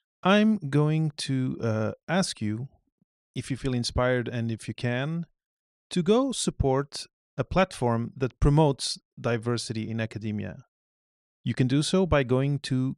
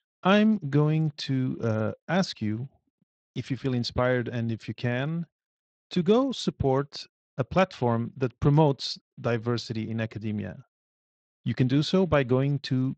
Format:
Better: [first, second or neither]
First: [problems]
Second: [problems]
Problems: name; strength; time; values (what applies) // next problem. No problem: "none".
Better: first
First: none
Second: garbled, watery; slightly; nothing above 7.5 kHz